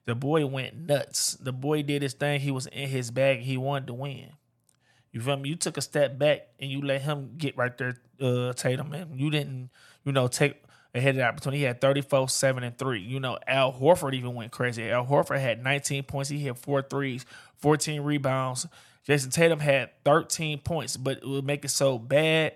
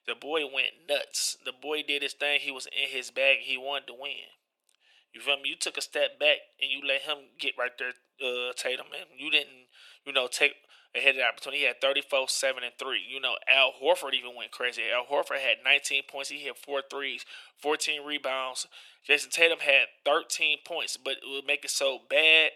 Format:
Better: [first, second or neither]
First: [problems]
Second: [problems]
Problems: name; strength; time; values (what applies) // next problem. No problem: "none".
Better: first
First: none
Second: thin; very; fading below 400 Hz